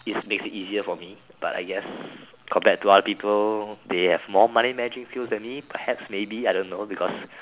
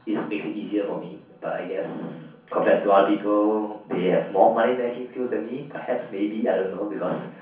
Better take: first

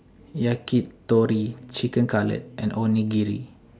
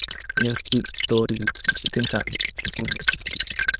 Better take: first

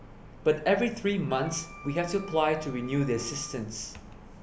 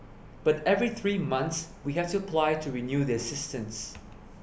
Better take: second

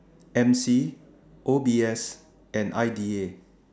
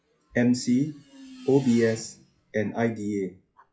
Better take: first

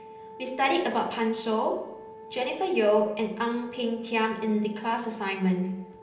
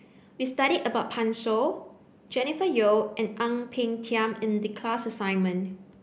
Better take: second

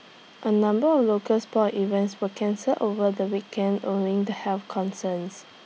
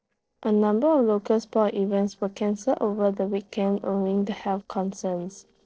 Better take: first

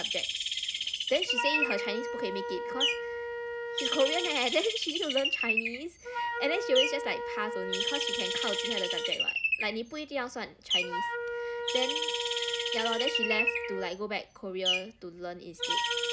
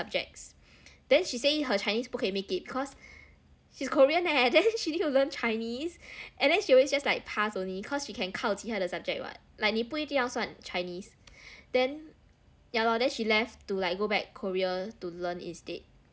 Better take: second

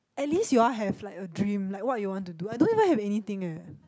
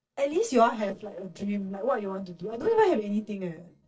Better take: first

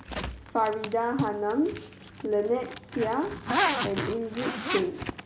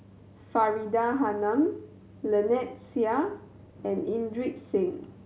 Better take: second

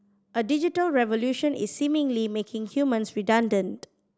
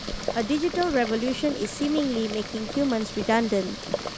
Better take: first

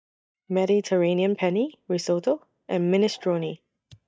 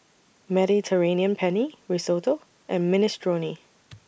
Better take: second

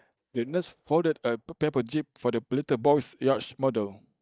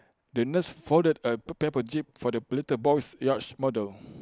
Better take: second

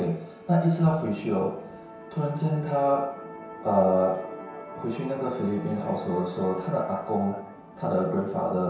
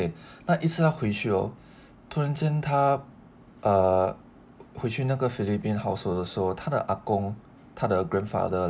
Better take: second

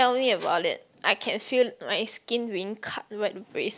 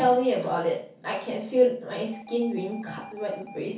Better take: first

